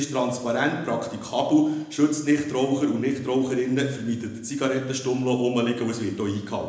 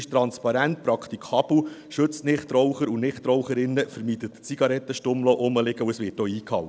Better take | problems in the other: second | room echo; dies away in 0.9 s

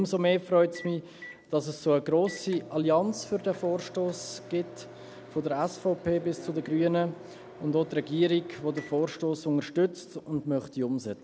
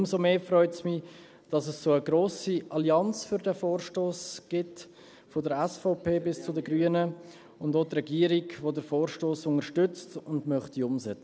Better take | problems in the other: second | background sound (Microwave oven); 20 dB below the speech

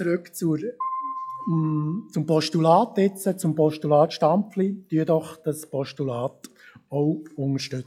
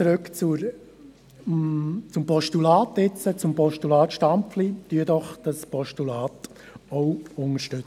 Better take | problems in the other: second | noise reduction (classical method log-MMSE)

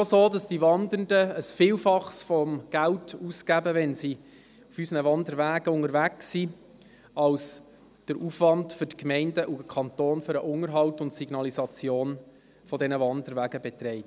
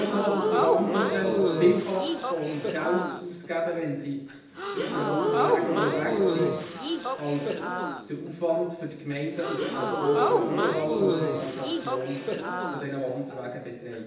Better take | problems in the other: first | background sound (Crowd / Gasp); 2 dB above the speech // room echo; dies away in 0.8 s

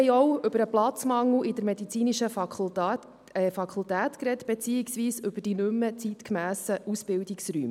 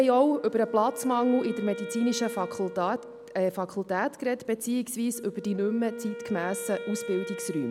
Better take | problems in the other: first | background sound (Wind instrument, woodwind instrument); 12 dB below the speech

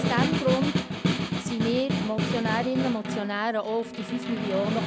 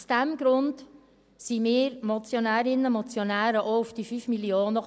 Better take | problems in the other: second | background sound (Snare drum); as loud as the speech

